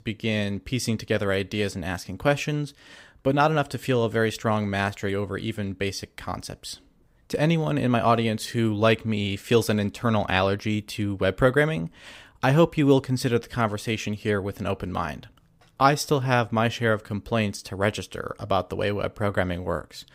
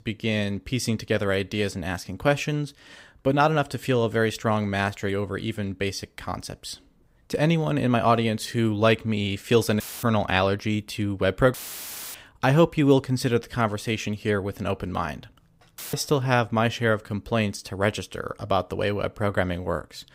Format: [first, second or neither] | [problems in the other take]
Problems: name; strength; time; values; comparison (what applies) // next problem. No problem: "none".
first | audio cutting out; filled with static; at 10 s, at 12 s for 0.5 s and at 16 s